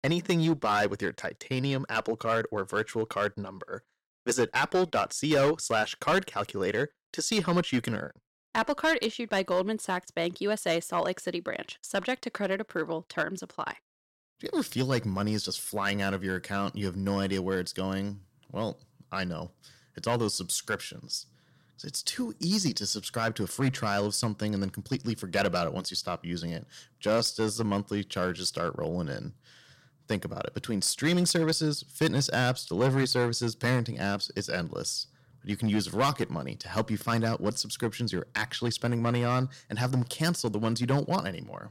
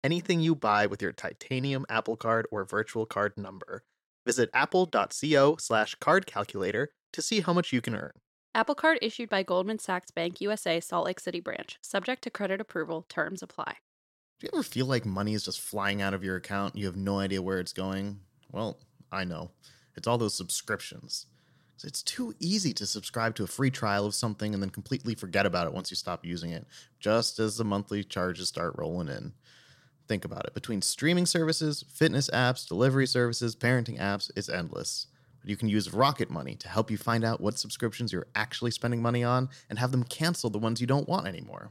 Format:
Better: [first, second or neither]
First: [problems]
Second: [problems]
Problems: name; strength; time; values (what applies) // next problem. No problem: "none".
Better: second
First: distortion; slight; 3% of the sound clipped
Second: none